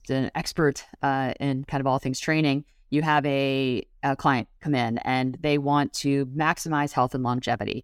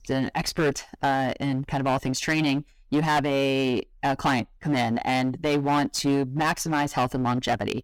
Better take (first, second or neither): first